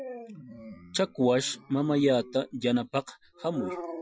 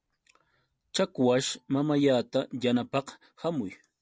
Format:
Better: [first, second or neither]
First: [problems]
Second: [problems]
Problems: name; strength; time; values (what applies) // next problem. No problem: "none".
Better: second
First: noise reduction (classical method Wiener filter)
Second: none